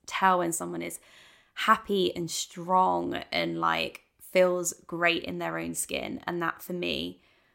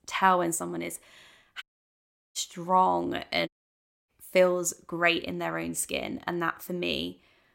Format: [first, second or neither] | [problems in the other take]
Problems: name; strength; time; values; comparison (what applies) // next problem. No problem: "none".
first | audio cutting out; at 1.5 s for 0.5 s and at 3.5 s for 0.5 s